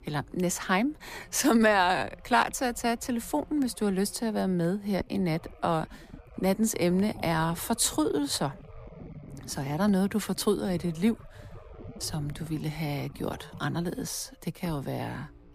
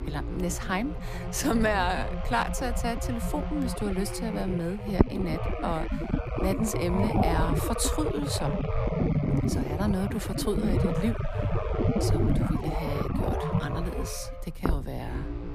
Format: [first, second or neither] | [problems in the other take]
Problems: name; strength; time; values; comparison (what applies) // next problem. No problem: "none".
first | low rumble; loud; throughout; 2 dB below the speech; faint in the first